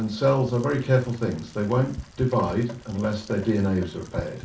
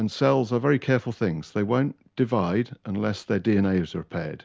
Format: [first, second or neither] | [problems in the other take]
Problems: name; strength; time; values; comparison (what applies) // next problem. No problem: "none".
second | background sound (Rain); 16 dB below the speech // room echo; dies away in 0.3 s